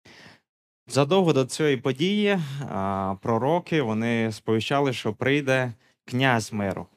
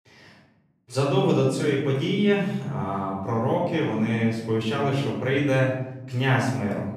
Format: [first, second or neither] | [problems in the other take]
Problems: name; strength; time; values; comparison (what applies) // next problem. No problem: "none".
first | off-mic speech; far // room echo; noticeable; dies away in 1 s